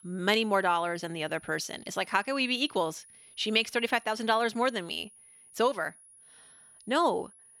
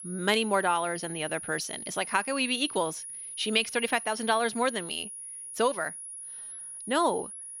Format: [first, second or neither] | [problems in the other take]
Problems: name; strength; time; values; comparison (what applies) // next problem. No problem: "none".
first | high-pitched whine; loud; throughout; 10.5 kHz, 9 dB below the speech; faint in the first